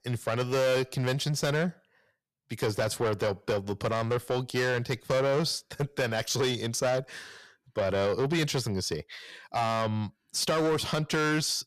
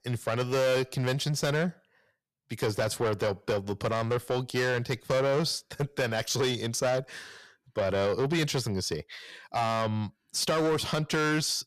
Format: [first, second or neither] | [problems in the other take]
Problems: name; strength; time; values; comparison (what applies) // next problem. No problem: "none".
neither | distortion; heavy; 8 dB below the speech; the same in both